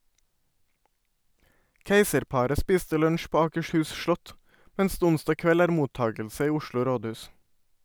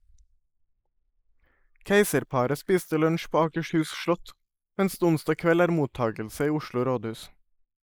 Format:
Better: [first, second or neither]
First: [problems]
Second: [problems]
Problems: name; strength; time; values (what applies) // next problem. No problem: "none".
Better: first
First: none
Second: noise reduction (neural mask model Resemble Enhance denoiser)